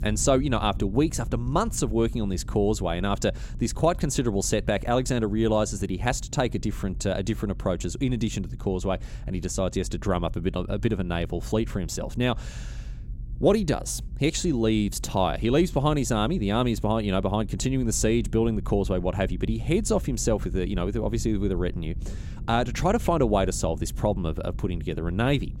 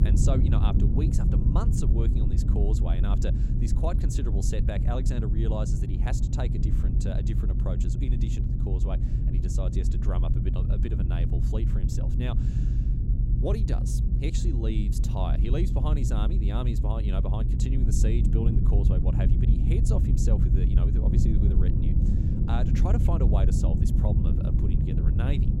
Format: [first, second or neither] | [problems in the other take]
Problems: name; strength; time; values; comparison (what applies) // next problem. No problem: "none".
first | low rumble; loud; throughout; 1 dB below the speech; faint in the first